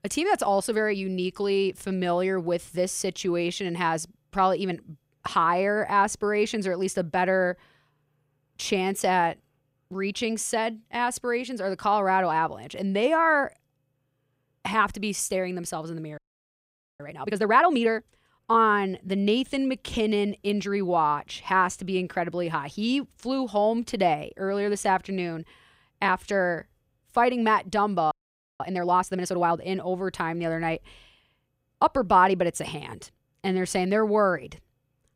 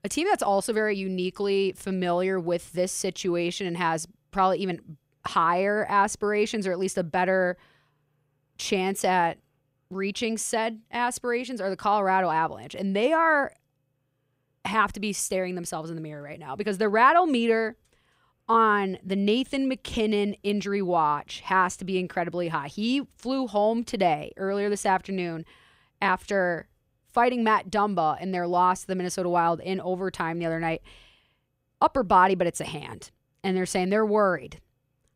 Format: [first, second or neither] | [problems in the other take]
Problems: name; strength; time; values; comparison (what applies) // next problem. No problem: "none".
second | audio freezing; at 16 s for 1 s and at 28 s